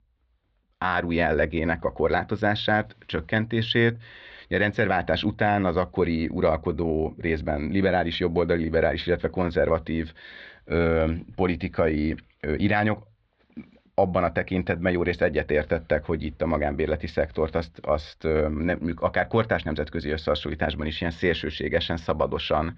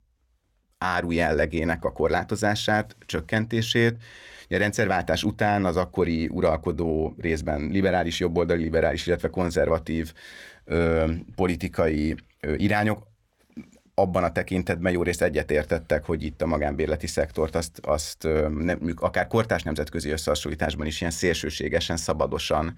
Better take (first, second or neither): second